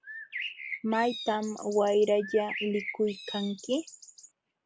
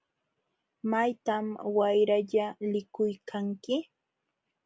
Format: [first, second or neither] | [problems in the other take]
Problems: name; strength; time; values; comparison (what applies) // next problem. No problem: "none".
second | background sound (Bird); 11 dB below the speech